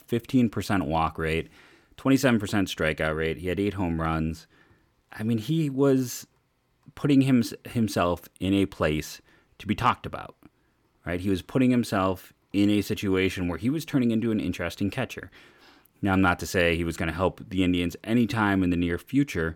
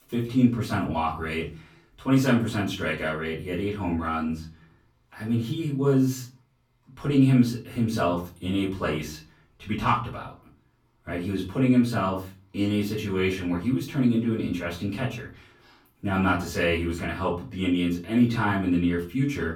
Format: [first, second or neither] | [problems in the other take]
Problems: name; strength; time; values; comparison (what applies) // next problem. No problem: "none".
first | off-mic speech; far // room echo; slight; dies away in 0.3 s